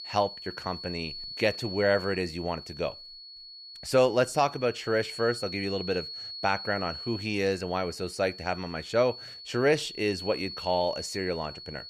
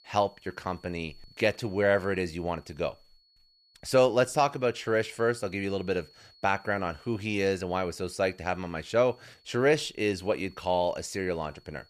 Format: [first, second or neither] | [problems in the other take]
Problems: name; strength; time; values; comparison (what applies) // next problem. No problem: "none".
second | high-pitched whine; loud; throughout; 4.5 kHz, 10 dB below the speech; faint in the second